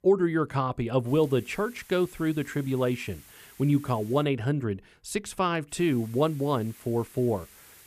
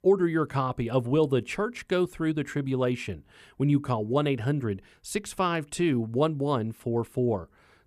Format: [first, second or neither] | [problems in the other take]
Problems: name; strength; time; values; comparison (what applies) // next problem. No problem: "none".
second | hiss; faint; from 1 to 4 s and from 5.5 s on; 25 dB below the speech